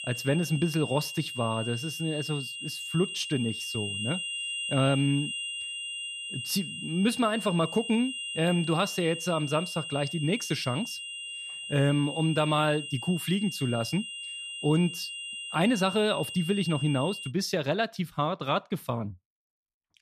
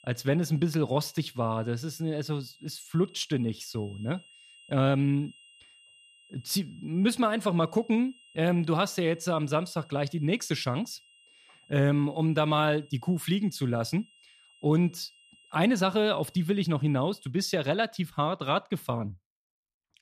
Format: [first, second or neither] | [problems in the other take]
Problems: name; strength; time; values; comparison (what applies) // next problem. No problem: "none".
second | high-pitched whine; loud; until 17 s; 3 kHz, 6 dB below the speech; faint in the second